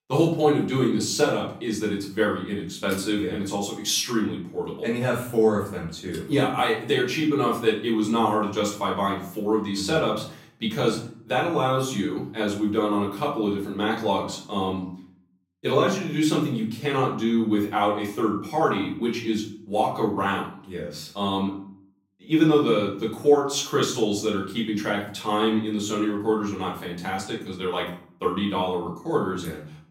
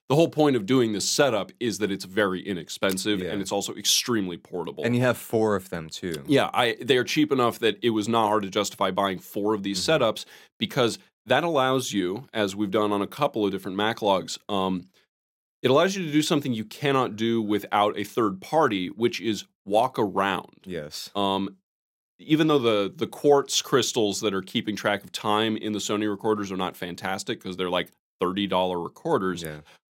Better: second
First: off-mic speech; far // room echo; slight; dies away in 0.5 s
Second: none

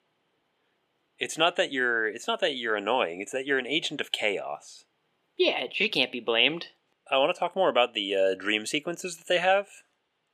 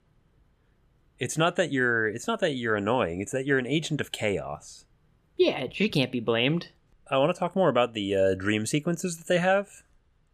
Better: second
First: thin; somewhat; fading below 350 Hz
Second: none

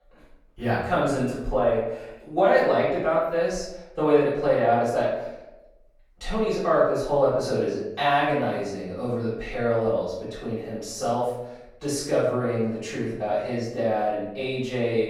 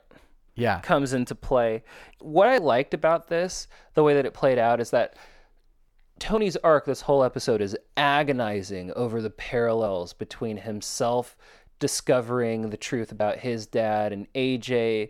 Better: second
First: off-mic speech; far // room echo; noticeable; dies away in 0.7 s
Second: none

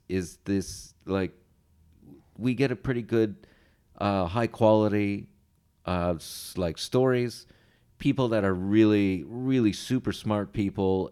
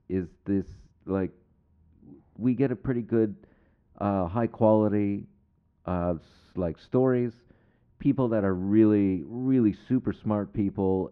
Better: first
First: none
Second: muffled; very; fading above 1.5 kHz

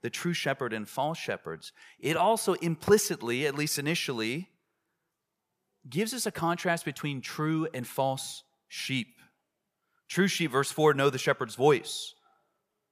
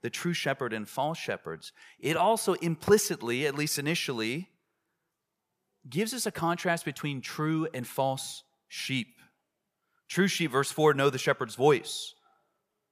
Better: neither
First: none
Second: none

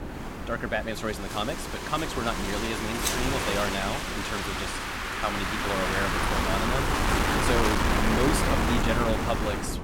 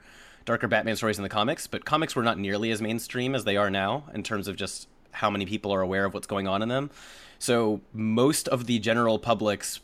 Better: second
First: wind noise on the microphone; heavy; 4 dB above the speech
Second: none

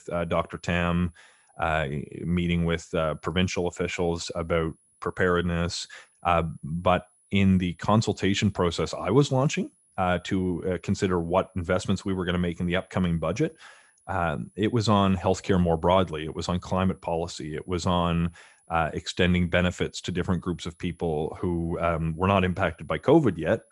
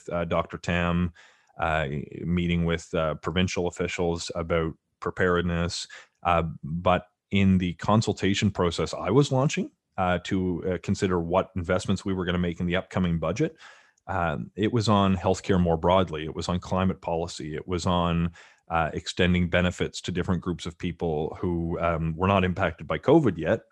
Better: second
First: high-pitched whine; faint; throughout; 10.5 kHz, 35 dB below the speech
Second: none

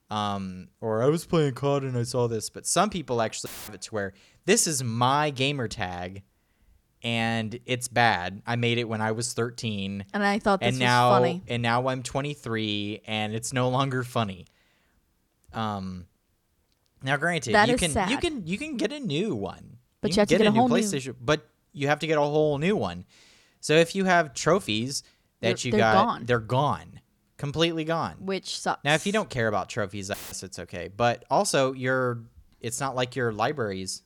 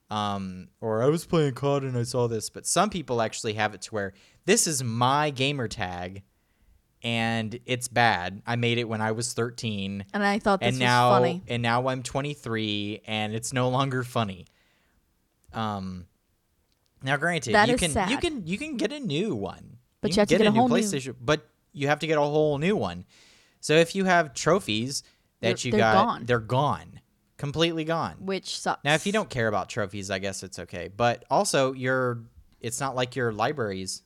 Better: second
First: audio cutting out; filled with static; at 3.5 s and at 30 s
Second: none

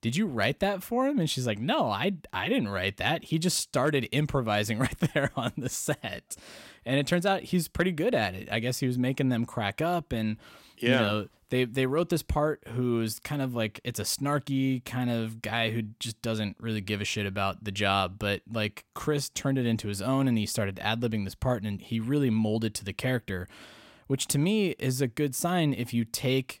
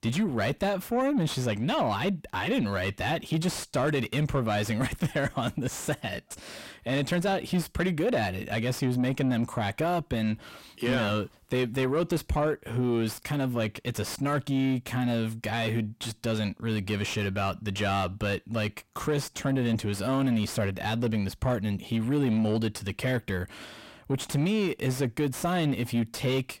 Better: first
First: none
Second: distortion; slight; 10 dB below the speech

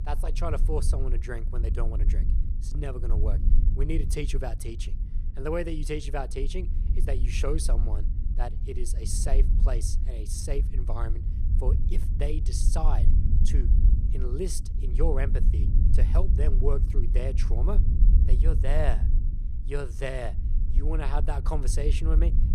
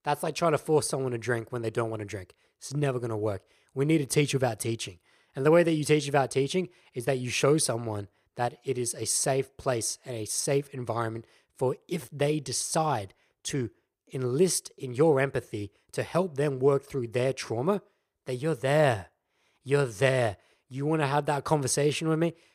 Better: second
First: low rumble; loud; throughout; 10 dB below the speech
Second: none

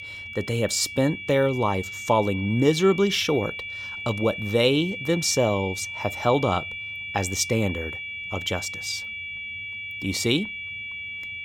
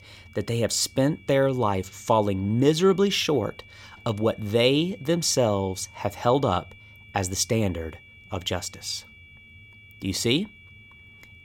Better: second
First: high-pitched whine; loud; throughout; 2.5 kHz, 8 dB below the speech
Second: high-pitched whine; faint; throughout; 2.5 kHz, 25 dB below the speech

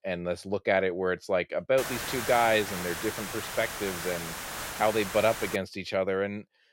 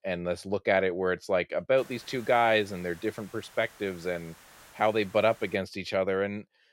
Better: second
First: hiss; loud; from 2 to 5.5 s; 6 dB below the speech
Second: hiss; faint; from 2 to 5.5 s; 25 dB below the speech

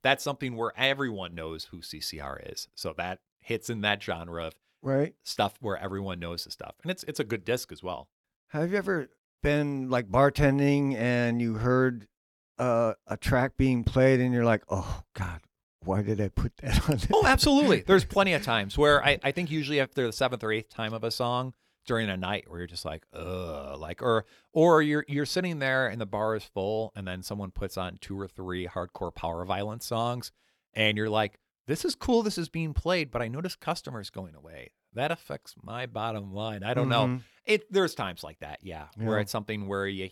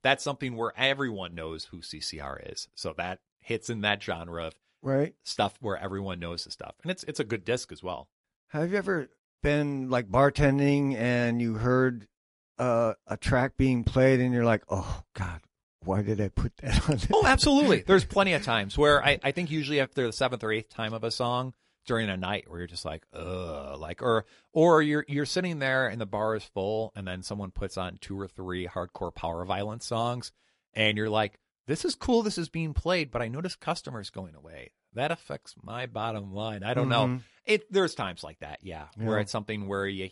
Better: first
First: none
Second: garbled, watery; slightly; nothing above 11 kHz

